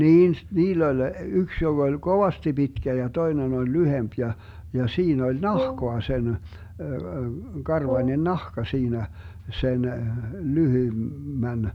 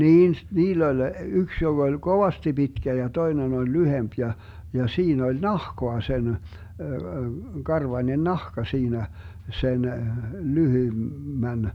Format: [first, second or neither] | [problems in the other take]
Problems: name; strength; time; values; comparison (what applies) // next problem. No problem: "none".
second | background sound (Brass instrument); 9 dB below the speech